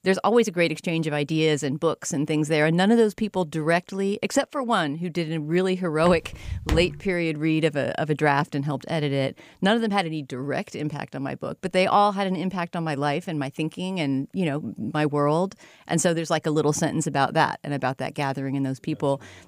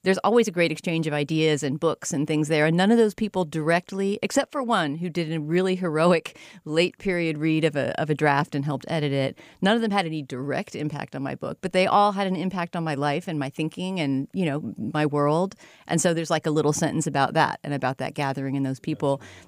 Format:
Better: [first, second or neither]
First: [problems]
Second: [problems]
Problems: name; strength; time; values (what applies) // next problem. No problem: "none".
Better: second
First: footsteps; noticeable; at 6 s; peak 4 dB below the speech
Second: none